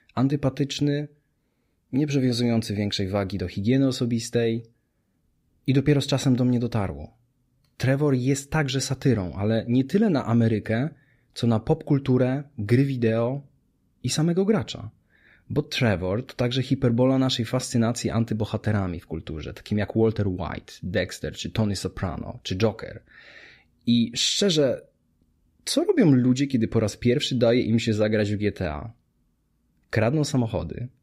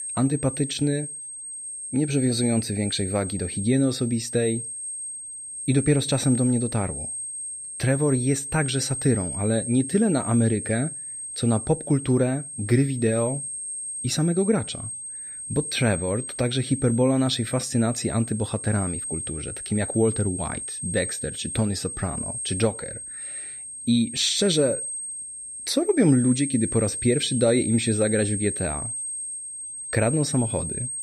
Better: first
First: none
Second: high-pitched whine; loud; throughout; 8.5 kHz, 6 dB below the speech

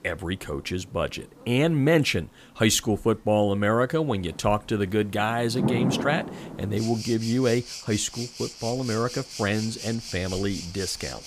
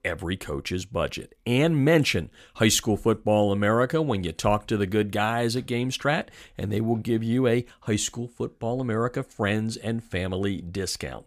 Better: second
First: rain or running water; loud; throughout; 8 dB below the speech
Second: none

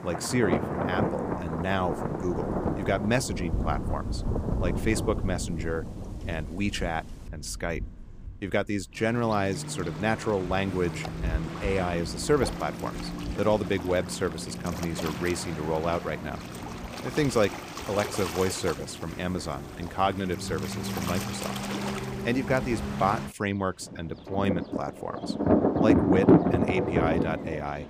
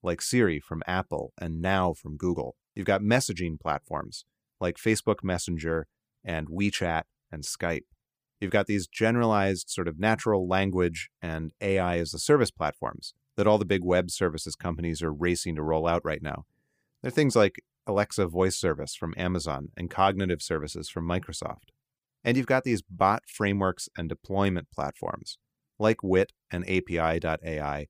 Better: second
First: rain or running water; loud; throughout; 1 dB below the speech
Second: none

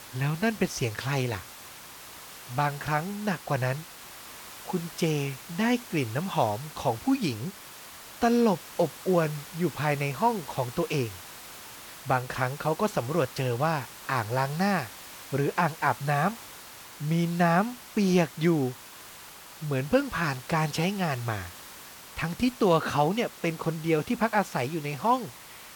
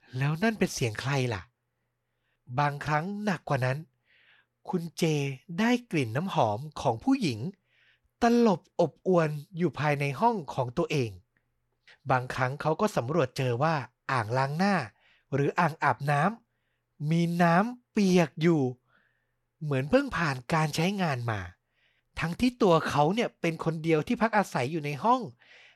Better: second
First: hiss; noticeable; throughout; 15 dB below the speech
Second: none

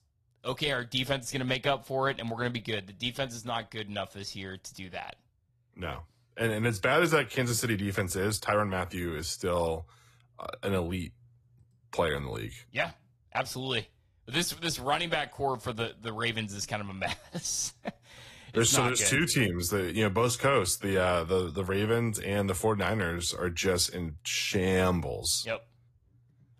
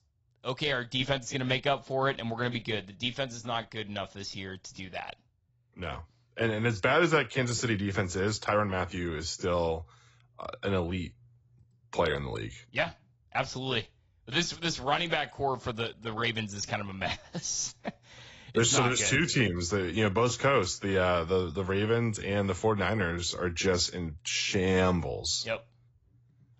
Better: first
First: garbled, watery; slightly; nothing above 14 kHz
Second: garbled, watery; badly; nothing above 7.5 kHz

